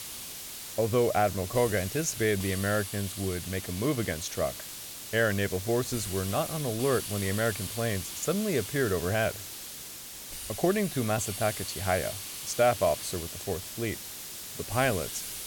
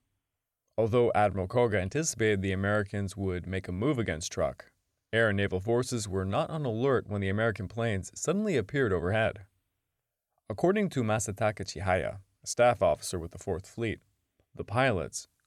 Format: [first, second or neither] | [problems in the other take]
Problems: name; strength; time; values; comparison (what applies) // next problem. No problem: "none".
second | hiss; loud; throughout; 7 dB below the speech